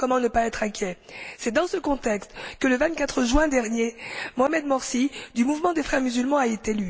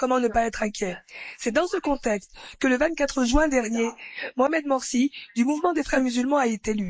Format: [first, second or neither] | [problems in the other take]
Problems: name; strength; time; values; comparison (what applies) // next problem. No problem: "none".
first | noise reduction (neural mask model Resemble Enhance denoiser)